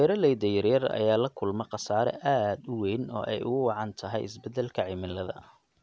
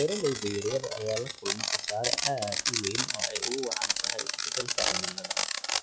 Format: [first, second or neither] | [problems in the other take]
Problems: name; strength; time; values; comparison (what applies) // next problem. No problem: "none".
first | noise reduction (classical method log-MMSE)